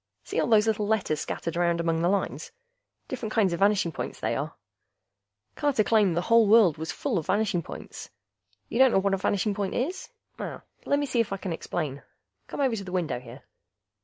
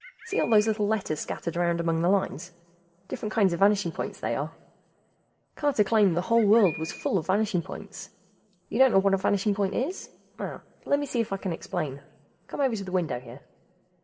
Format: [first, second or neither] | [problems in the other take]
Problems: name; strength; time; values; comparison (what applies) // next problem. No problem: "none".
first | background sound (Bird); 14 dB below the speech // room echo; dies away in 1 s